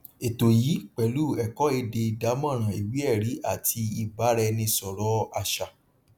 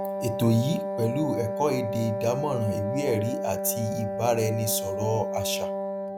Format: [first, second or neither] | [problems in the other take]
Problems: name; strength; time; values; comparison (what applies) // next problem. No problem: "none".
first | background sound (Wind instrument, woodwind instrument); 2 dB below the speech